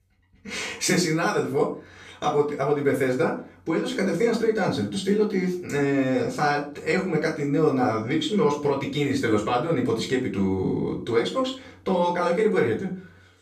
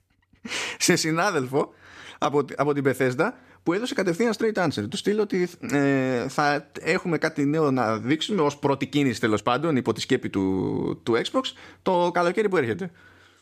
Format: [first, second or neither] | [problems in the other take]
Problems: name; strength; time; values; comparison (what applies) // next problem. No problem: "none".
second | room echo; slight; dies away in 0.3 s // off-mic speech; far